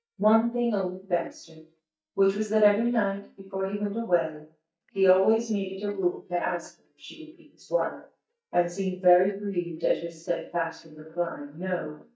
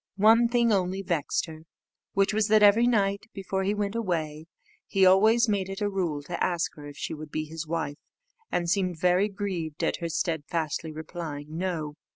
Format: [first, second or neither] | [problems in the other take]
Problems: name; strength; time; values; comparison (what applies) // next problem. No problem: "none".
second | noise reduction (neural mask model DeepFilterNet 3)